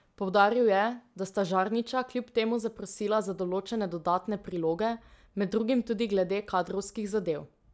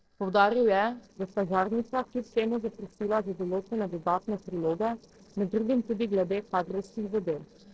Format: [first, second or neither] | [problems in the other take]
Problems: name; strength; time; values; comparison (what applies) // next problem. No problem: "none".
first | noise reduction (neural separator model SepFormer DNS4)